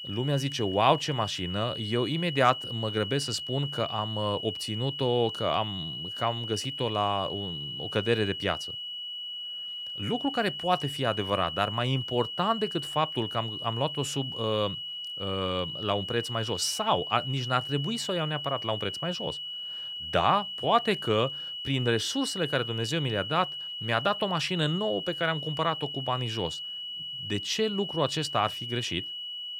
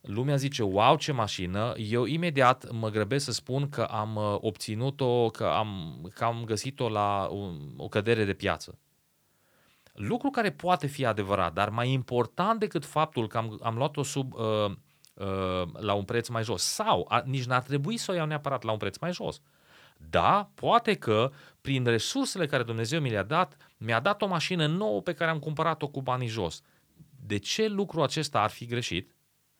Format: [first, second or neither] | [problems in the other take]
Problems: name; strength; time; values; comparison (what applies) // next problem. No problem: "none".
second | high-pitched whine; loud; throughout; 3 kHz, 5 dB below the speech